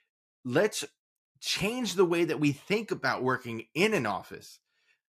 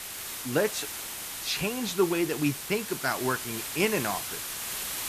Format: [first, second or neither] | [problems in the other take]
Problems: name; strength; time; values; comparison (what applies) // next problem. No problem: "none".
first | hiss; loud; throughout; 5 dB below the speech